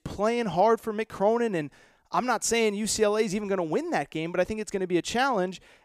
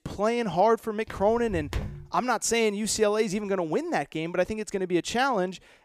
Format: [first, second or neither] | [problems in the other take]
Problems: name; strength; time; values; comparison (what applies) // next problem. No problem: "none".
first | footsteps; noticeable; at 1 s; peak 8 dB below the speech